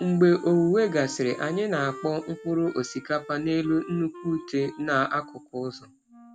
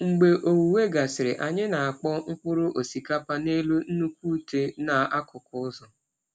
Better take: second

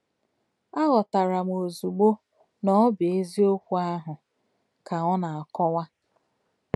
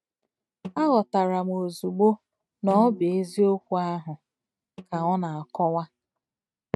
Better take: first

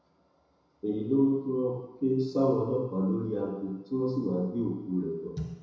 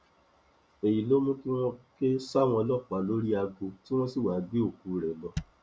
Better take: second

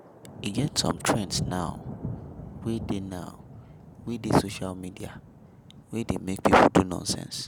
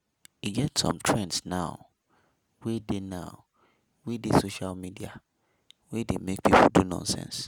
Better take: second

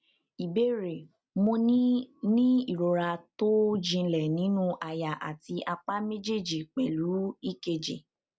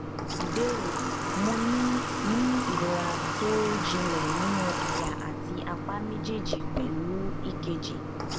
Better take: first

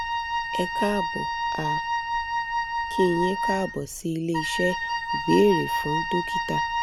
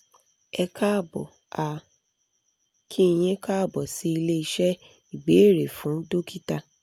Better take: second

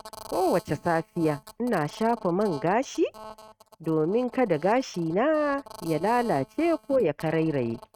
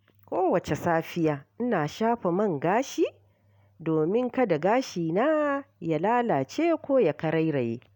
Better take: second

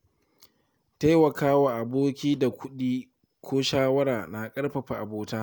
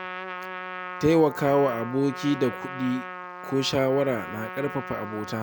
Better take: first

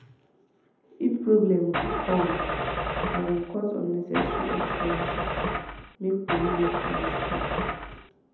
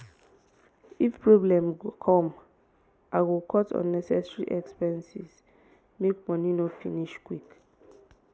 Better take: second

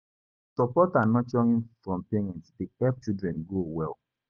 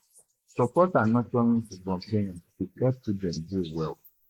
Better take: first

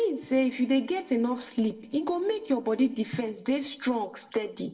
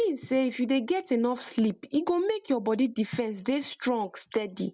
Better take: second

